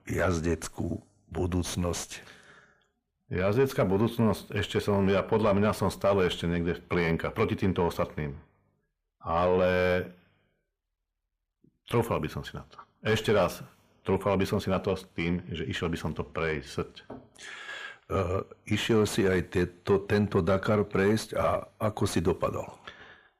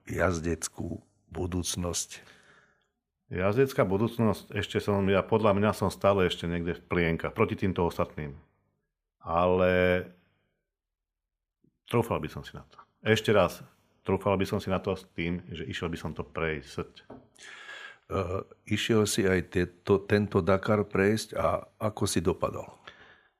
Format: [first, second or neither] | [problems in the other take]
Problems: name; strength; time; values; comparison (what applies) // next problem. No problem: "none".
second | distortion; slight; 10 dB below the speech